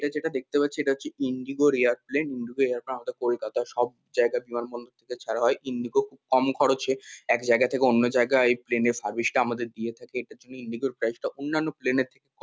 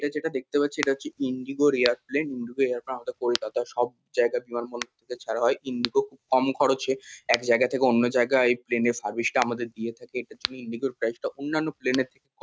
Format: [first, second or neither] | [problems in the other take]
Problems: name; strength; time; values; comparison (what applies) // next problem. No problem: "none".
first | noise reduction (neural mask model RNNoise)